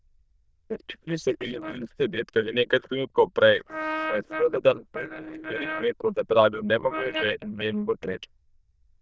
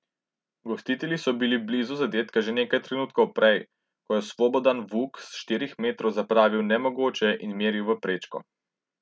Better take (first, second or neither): second